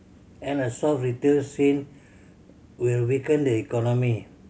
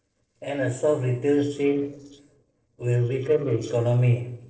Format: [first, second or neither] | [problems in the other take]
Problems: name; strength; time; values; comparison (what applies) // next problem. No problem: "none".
first | noise reduction (neural separator model SepFormer DNS4)